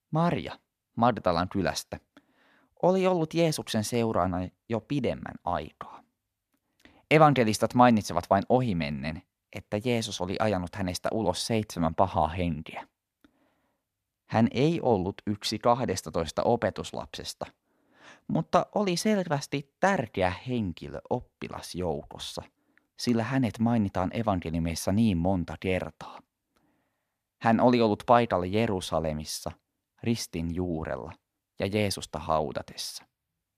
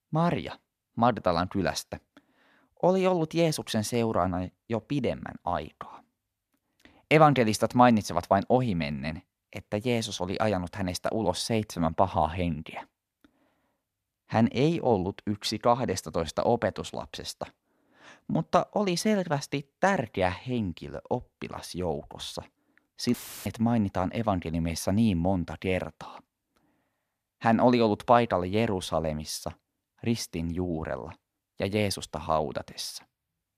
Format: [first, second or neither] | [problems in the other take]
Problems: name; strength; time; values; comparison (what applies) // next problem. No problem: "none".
first | audio cutting out; filled with static; at 23 s